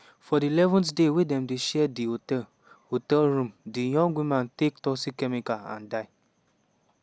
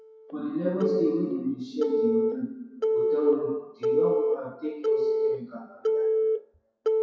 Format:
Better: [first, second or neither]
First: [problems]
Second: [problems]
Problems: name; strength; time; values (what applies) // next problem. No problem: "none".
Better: first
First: none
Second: noise reduction (classical method WPE with log-MMSE)